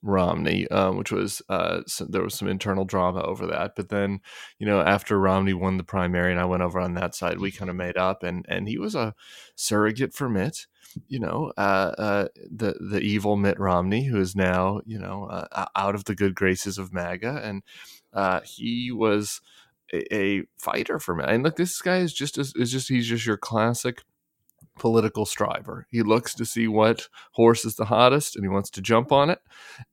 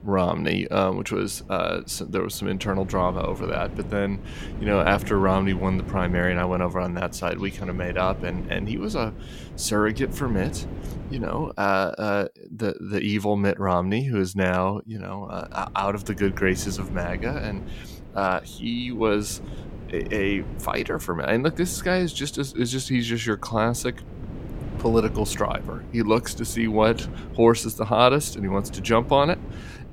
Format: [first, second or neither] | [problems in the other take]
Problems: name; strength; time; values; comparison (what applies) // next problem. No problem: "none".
first | wind noise on the microphone; occasional gusts; until 11 s and from 15 s on; 20 dB below the speech